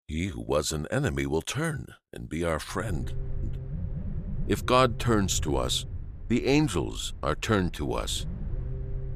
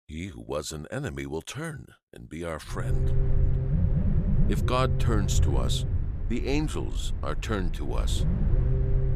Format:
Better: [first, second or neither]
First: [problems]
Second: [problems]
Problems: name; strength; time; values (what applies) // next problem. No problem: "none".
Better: first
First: low rumble; faint; from 3 s on; 20 dB below the speech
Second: low rumble; loud; from 3 s on; 7 dB below the speech